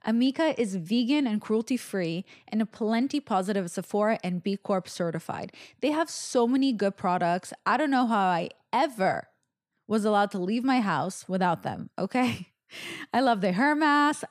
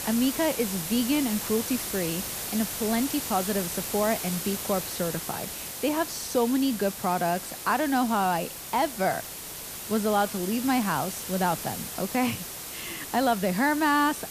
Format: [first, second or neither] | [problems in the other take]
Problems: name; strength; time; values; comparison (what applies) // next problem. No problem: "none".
first | hiss; loud; throughout; 6 dB below the speech